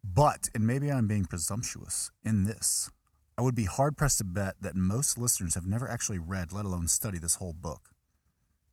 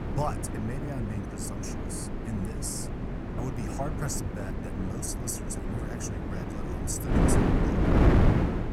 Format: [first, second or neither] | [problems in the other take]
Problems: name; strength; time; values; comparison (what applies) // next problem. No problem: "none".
first | wind noise on the microphone; heavy; 4 dB above the speech